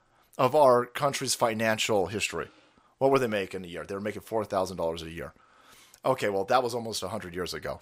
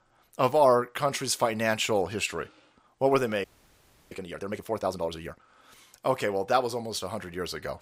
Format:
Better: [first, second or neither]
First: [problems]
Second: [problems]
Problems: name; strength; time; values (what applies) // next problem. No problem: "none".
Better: first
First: none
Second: audio freezing; at 3.5 s for 0.5 s